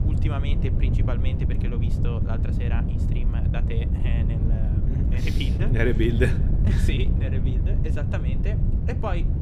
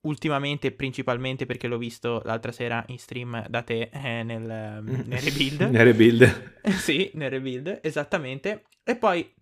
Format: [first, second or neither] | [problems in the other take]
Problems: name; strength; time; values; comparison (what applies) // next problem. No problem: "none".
second | wind noise on the microphone; heavy; 4 dB below the speech